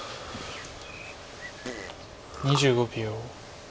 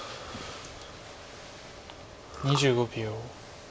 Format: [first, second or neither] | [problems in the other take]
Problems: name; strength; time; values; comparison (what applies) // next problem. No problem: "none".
second | background sound (Fart + Bird); 15 dB below the speech